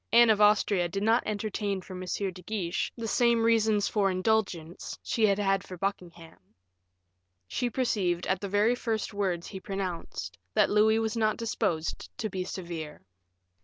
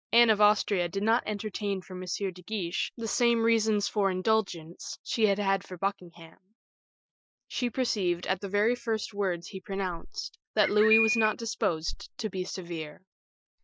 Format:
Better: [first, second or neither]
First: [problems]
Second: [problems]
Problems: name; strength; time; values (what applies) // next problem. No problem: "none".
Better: first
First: none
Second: noise reduction (classical method Wiener filter)